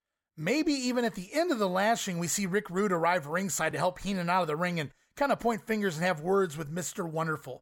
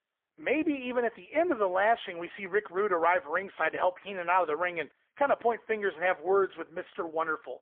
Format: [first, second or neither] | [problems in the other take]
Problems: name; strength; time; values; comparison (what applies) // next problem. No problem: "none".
first | phone-call audio; poor line; nothing above 3.5 kHz